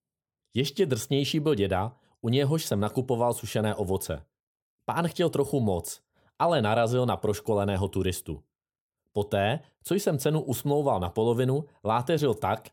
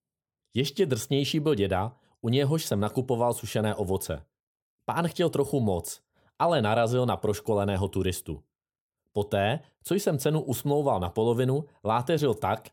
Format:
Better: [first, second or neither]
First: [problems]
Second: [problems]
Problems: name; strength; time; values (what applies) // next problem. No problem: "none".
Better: neither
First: none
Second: none